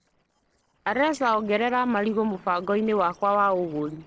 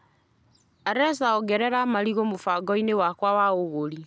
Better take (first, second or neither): second